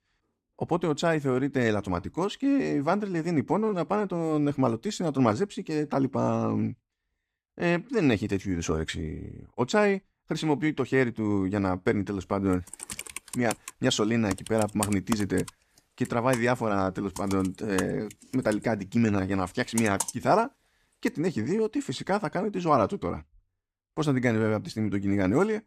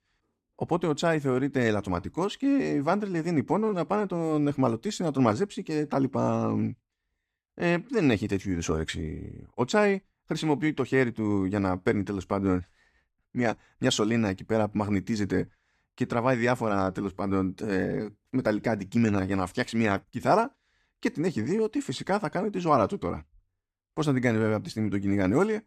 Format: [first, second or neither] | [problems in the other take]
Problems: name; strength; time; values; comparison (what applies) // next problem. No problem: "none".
second | keyboard typing; noticeable; from 13 to 20 s; peak 4 dB below the speech